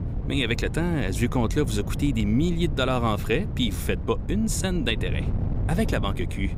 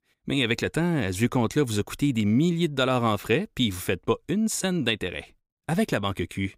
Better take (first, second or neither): second